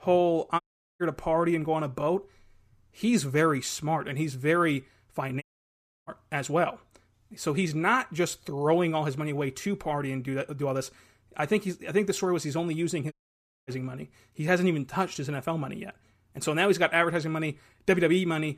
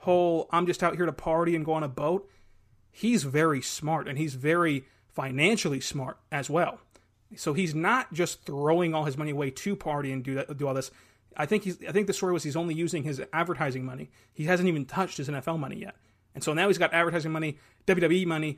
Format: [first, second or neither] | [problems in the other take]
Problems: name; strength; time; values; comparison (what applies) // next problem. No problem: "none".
second | audio cutting out; at 0.5 s, at 5.5 s for 0.5 s and at 13 s for 0.5 s